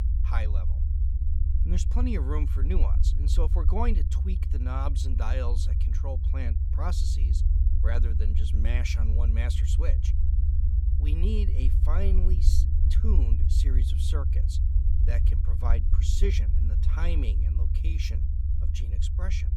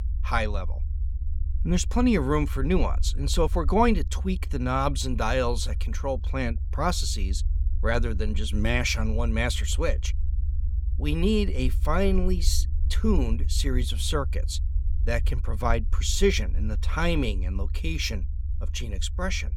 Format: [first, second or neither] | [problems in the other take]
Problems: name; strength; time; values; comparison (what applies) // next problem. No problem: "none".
second | low rumble; loud; throughout; 5 dB below the speech; faint in the second